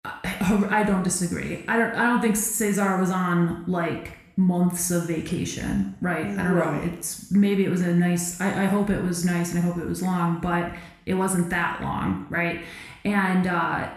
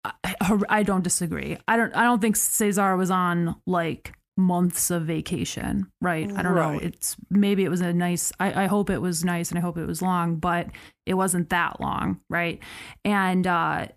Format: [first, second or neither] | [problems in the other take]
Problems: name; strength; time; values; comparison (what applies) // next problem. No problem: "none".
second | room echo; slight; dies away in 0.7 s // off-mic speech; somewhat distant